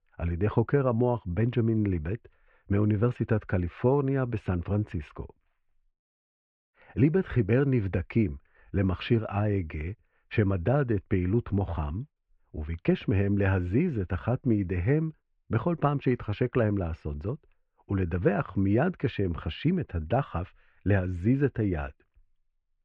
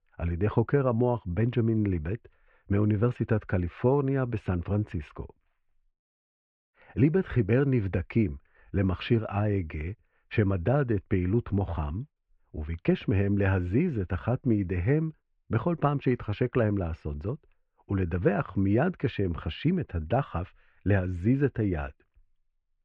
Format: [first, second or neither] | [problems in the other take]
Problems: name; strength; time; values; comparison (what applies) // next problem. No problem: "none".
neither | muffled; very; fading above 2.5 kHz; the same in both